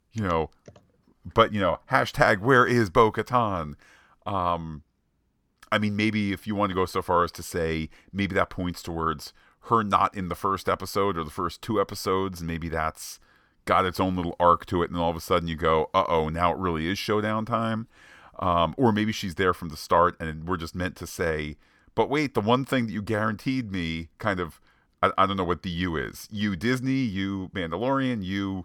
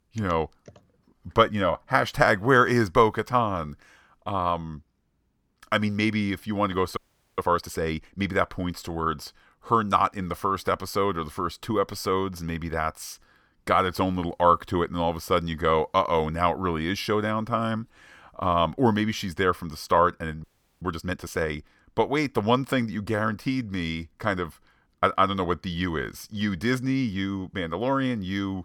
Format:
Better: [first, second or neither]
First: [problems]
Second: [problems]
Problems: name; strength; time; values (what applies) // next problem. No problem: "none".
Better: first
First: none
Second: audio freezing; at 7 s and at 20 s